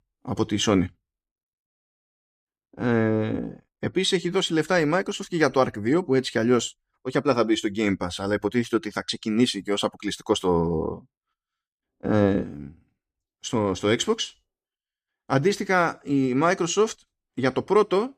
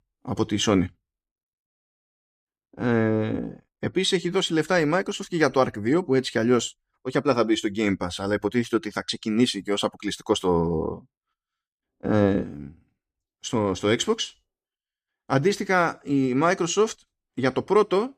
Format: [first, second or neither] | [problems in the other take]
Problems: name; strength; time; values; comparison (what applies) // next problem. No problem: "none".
neither | none